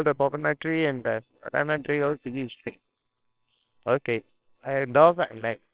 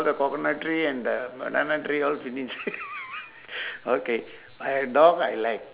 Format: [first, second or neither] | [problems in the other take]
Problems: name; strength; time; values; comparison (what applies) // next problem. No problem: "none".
second | noise reduction (neural separator model SepFormer WHAMR!)